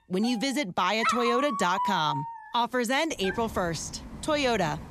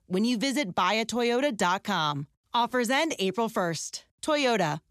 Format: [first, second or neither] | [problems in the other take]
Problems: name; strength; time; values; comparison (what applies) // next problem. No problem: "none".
second | animal sounds; loud; throughout; 6 dB below the speech